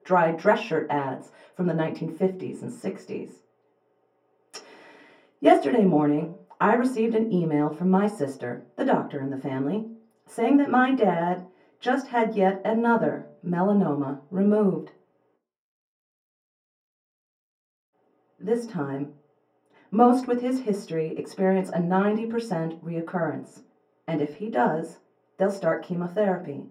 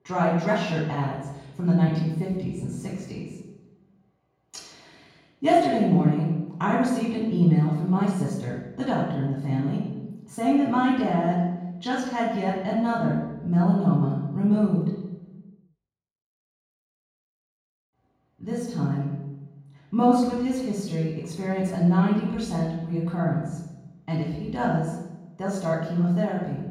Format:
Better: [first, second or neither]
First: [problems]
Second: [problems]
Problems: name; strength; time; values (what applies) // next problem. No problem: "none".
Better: first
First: room echo; slight; dies away in 0.4 s // off-mic speech; far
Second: room echo; strong; dies away in 1.3 s // off-mic speech; far